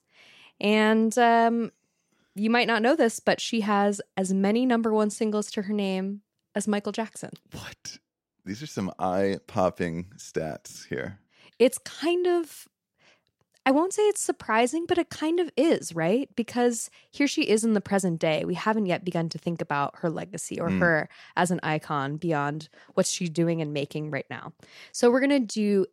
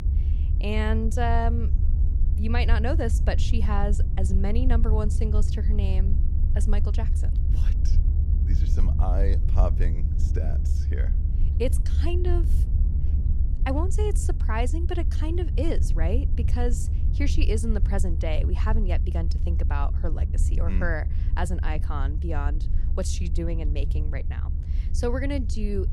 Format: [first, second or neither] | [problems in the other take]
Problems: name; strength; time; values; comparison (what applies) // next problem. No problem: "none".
first | low rumble; loud; throughout; 10 dB below the speech